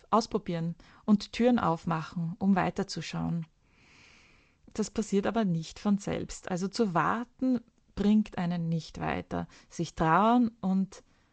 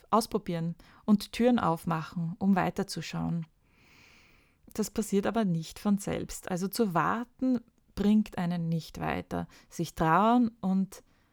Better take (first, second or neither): second